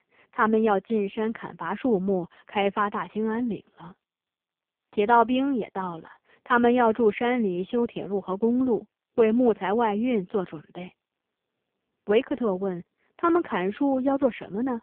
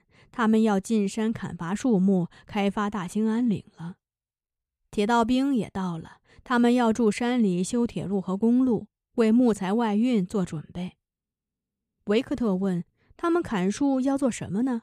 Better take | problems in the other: second | phone-call audio; poor line

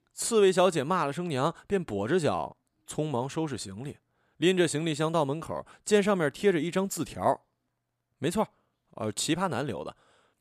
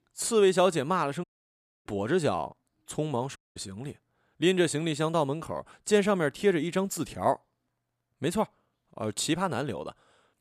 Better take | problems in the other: first | audio cutting out; at 1 s for 0.5 s and at 3.5 s

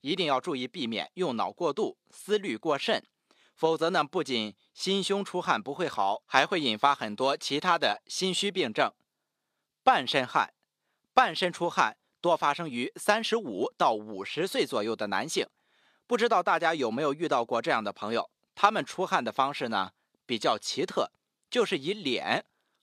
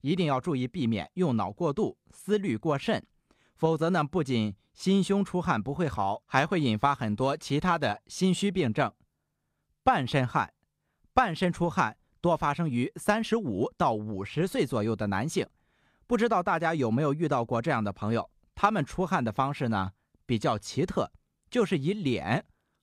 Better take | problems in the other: second | thin; somewhat; fading below 350 Hz

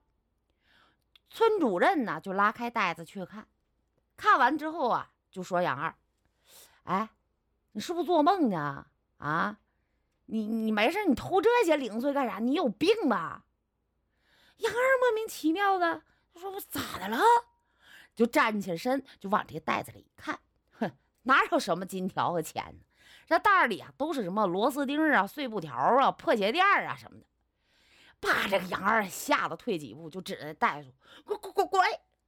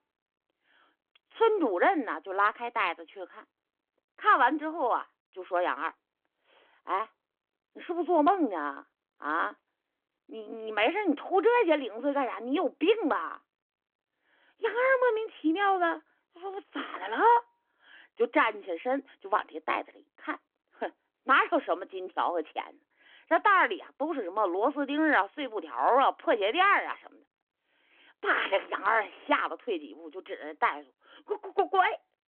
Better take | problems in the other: first | phone-call audio

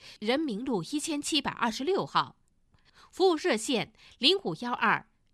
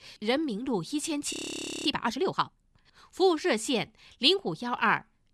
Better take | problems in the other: first | audio freezing; at 1.5 s for 0.5 s

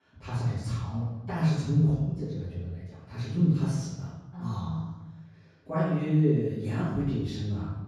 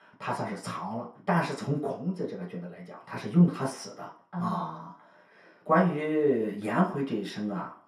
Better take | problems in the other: second | room echo; strong; dies away in 1.4 s; slight in the second // off-mic speech; far; far in the second

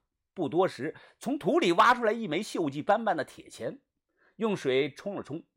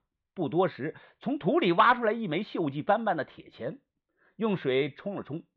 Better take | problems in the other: first | muffled; slightly; fading above 3.5 kHz

